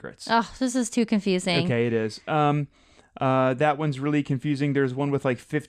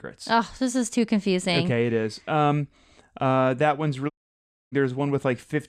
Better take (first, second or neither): first